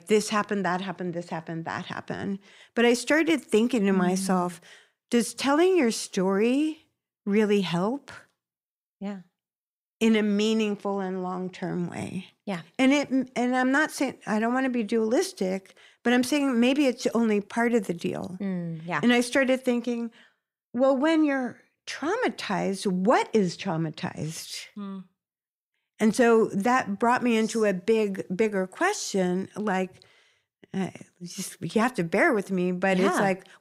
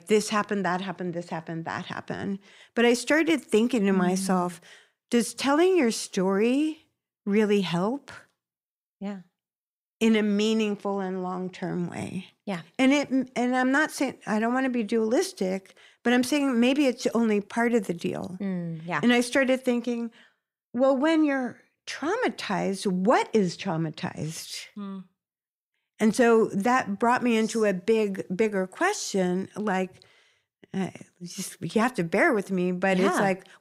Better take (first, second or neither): neither